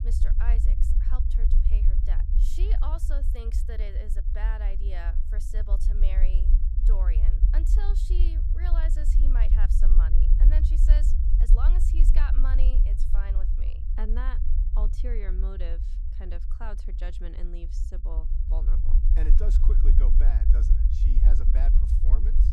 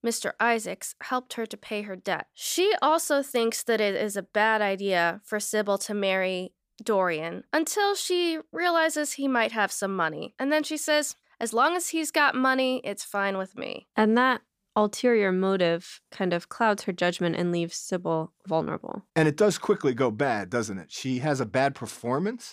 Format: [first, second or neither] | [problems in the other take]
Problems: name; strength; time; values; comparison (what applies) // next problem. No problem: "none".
second | low rumble; loud; throughout; 3 dB below the speech